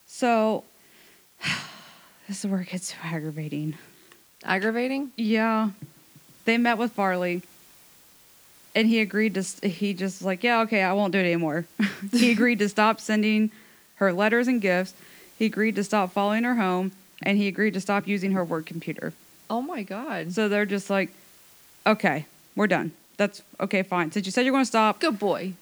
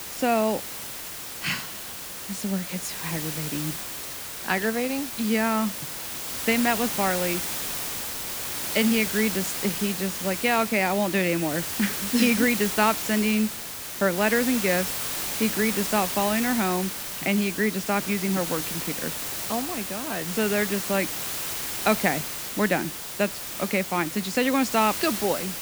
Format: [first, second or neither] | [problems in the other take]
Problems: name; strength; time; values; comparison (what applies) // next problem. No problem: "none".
first | hiss; loud; throughout; 4 dB below the speech; faint in the first